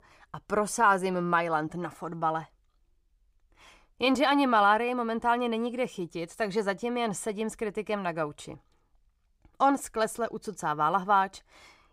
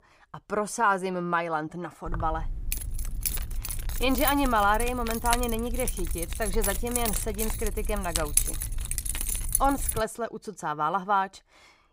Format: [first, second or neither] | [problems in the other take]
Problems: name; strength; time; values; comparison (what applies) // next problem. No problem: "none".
first | jangling keys; loud; from 2 to 10 s; peak 4 dB above the speech